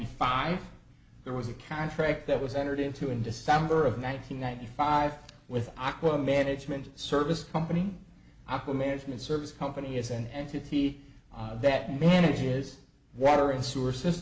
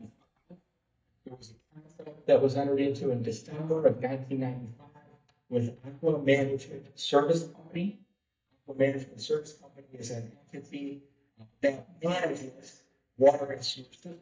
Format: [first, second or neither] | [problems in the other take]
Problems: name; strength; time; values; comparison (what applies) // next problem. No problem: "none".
first | noise reduction (neural mask model DeepFilterNet 3)